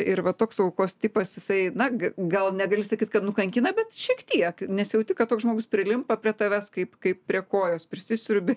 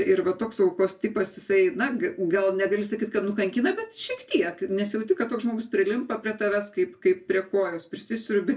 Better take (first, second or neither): first